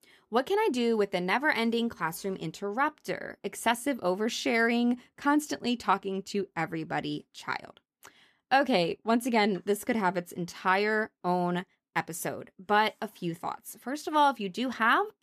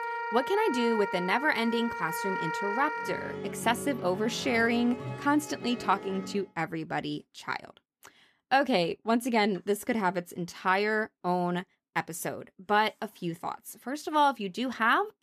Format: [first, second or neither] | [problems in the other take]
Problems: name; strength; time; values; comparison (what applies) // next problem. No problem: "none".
first | background music; loud; until 6.5 s; 7 dB below the speech